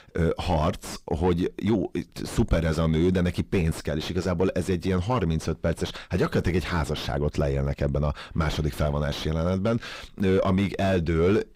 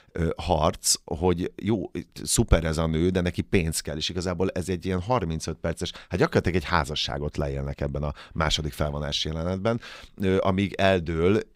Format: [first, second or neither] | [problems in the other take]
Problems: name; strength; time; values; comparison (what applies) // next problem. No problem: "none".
second | distortion; heavy; 5 dB below the speech